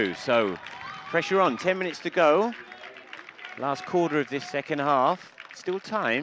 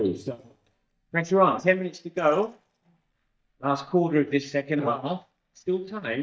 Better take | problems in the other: first | noise reduction (neural mask model DeepFilterNet 3)

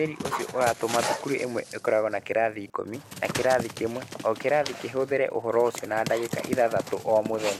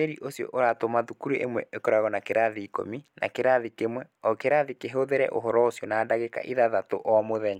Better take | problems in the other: second | background sound (Dog); 9 dB below the speech

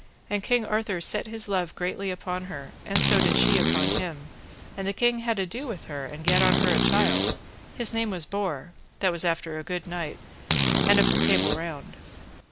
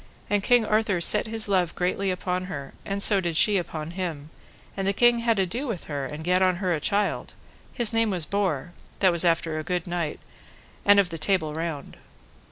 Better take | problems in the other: second | background sound (Fart); 2 dB above the speech

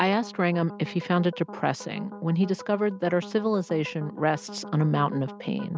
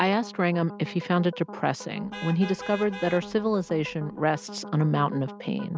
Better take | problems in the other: first | background sound (Vehicle horn, car horn, honking); 16 dB below the speech

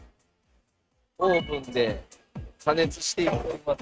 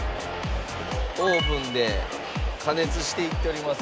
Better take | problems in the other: second | noise reduction (neural mask model RNNoise)

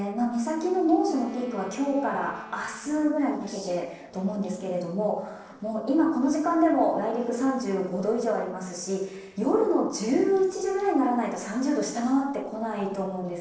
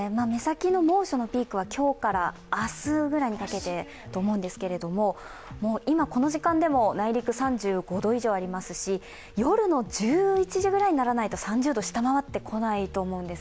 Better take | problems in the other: second | noise reduction (neural separator model SepFormer DNS4)

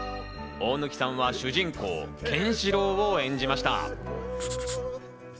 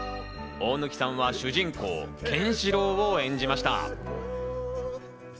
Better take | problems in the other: second | background sound (Writing); 12 dB below the speech

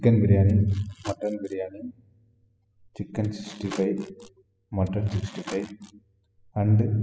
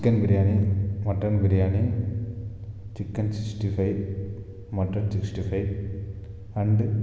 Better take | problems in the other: second | noise reduction (classical method spectral subtraction)

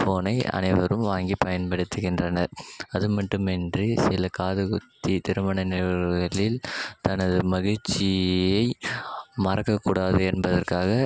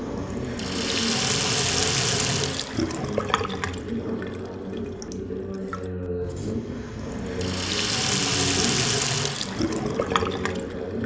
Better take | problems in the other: first | background sound (Sink (filling or washing)); 3 dB above the speech // room echo; dies away in 2.2 s

